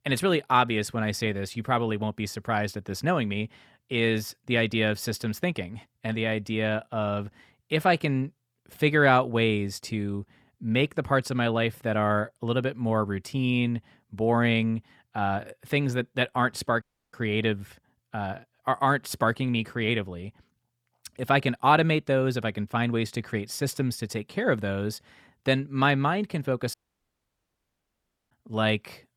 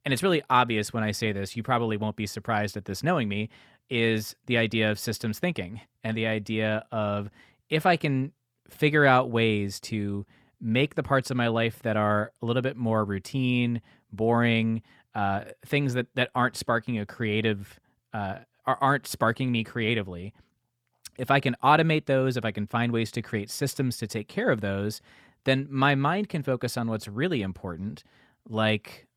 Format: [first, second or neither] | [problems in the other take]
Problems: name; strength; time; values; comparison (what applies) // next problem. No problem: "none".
second | audio cutting out; at 17 s and at 27 s for 1.5 s